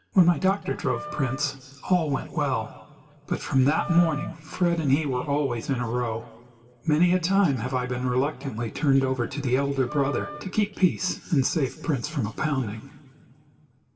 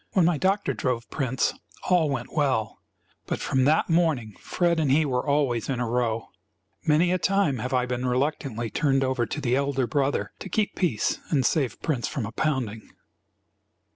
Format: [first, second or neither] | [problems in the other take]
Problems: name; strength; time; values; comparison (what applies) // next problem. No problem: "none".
second | background sound (Wind instrument, woodwind instrument); 15 dB below the speech // room echo; dies away in 2 s